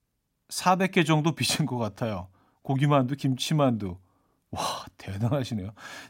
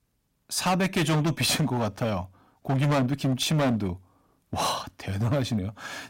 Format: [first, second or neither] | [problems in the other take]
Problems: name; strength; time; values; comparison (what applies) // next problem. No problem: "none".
first | distortion; heavy; 13% of the sound clipped